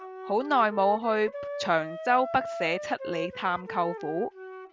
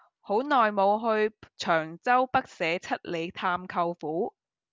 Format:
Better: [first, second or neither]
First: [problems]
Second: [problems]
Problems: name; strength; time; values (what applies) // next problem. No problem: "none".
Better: second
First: background sound (Wind instrument, woodwind instrument); 10 dB below the speech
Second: none